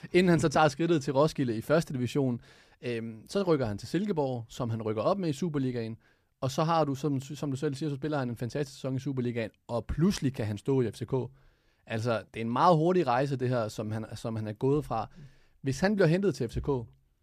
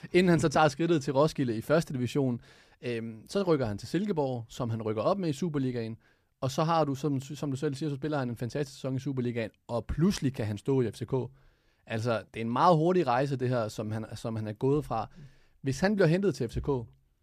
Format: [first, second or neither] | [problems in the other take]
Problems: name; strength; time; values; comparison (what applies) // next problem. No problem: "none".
neither | none